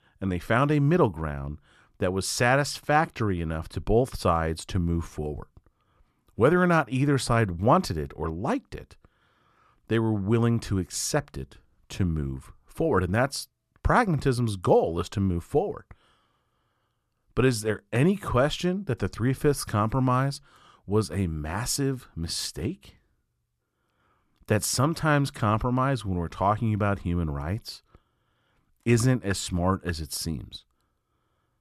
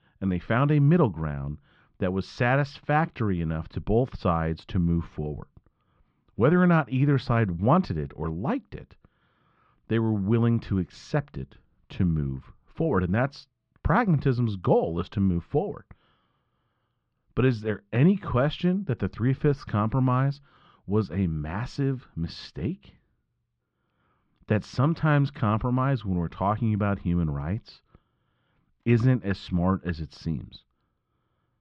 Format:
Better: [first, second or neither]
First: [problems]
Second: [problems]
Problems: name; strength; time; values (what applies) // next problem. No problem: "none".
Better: first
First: none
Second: muffled; slightly; fading above 4 kHz